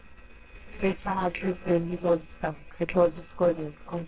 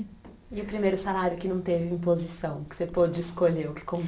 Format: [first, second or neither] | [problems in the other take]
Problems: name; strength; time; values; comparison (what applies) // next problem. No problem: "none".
second | noise reduction (neural separator model SepFormer WHAMR!)